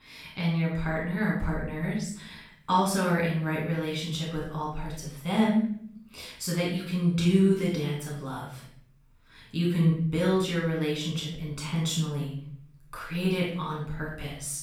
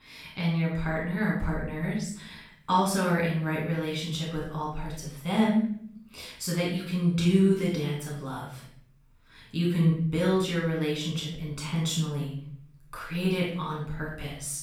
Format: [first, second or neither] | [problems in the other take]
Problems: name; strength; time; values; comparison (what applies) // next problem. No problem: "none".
neither | off-mic speech; far; the same in both // room echo; noticeable; dies away in 0.6 s; the same in both